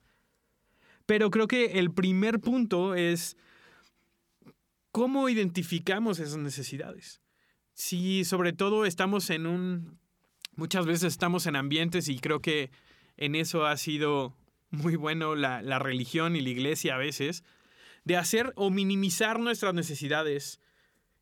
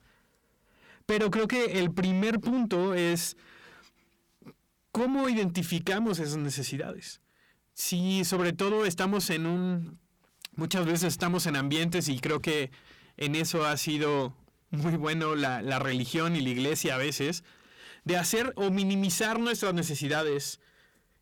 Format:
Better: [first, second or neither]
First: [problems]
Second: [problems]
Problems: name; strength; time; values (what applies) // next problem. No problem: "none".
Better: first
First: none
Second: distortion; slight; 10 dB below the speech